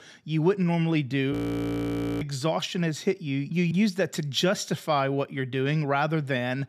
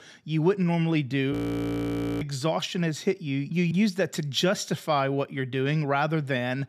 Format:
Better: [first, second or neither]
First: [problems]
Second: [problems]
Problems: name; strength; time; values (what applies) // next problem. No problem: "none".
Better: neither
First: audio freezing; at 1.5 s for 1 s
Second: audio freezing; at 1.5 s for 1 s